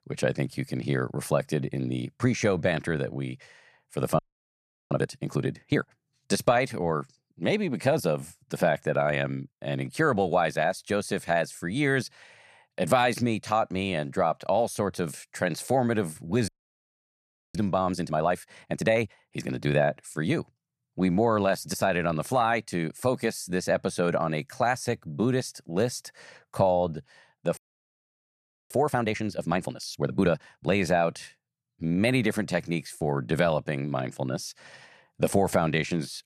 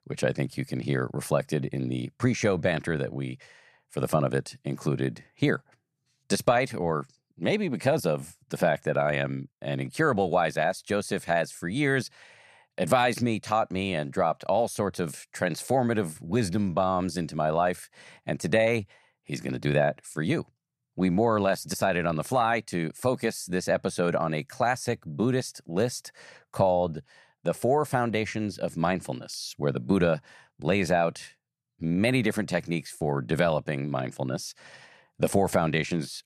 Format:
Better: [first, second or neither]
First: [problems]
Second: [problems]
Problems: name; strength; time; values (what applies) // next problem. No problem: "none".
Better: second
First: audio freezing; at 4 s for 0.5 s, at 16 s for 1 s and at 28 s for 1 s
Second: none